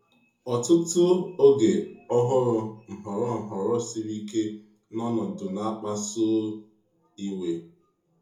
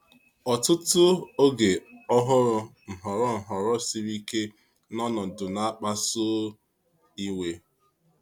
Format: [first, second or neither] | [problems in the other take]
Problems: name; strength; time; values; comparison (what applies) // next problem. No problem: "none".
second | room echo; dies away in 0.6 s